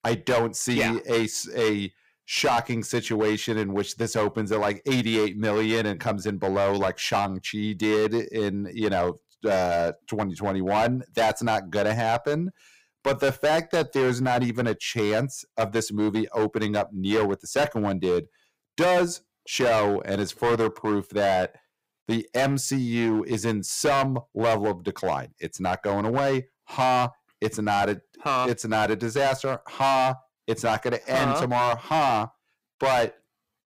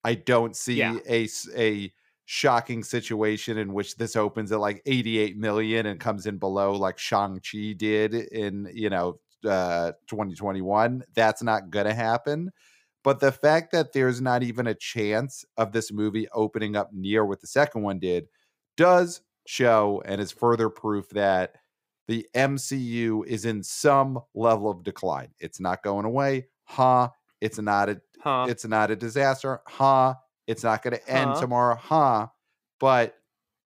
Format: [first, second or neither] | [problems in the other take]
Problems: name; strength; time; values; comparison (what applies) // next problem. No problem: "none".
second | distortion; heavy; 10% of the sound clipped